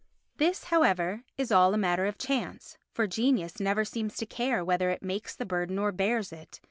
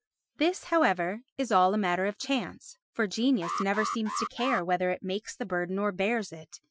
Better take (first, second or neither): first